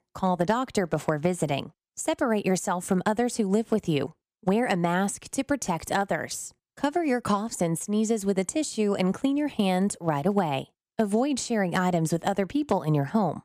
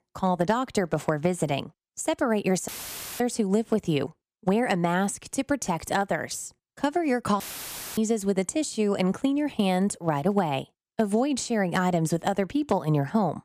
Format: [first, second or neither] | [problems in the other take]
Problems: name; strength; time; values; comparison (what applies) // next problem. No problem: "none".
first | audio cutting out; filled with static; at 2.5 s for 0.5 s and at 7.5 s for 0.5 s